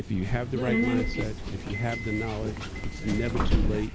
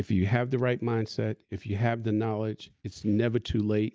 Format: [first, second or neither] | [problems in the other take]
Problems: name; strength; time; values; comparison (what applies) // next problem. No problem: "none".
second | background sound (Subway, metro, underground); 2 dB above the speech